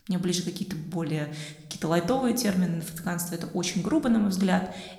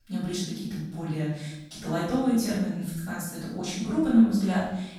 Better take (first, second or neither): first